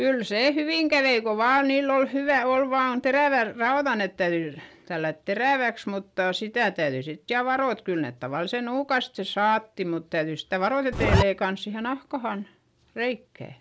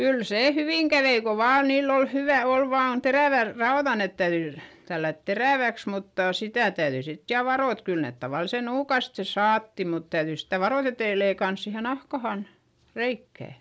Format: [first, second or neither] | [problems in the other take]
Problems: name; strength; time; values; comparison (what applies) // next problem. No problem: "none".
second | background sound (Zipper (clothing)); 4 dB above the speech